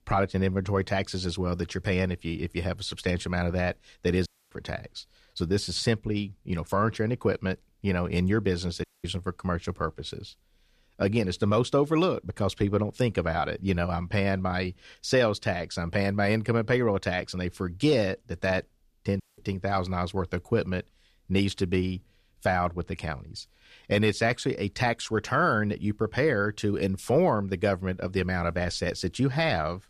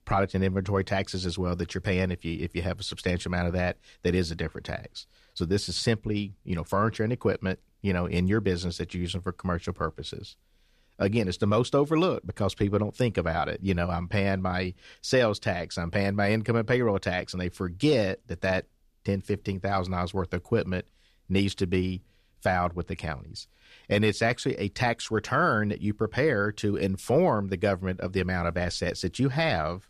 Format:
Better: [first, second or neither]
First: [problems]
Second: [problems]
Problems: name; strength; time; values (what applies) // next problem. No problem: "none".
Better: second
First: audio cutting out; at 4.5 s, at 9 s and at 19 s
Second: none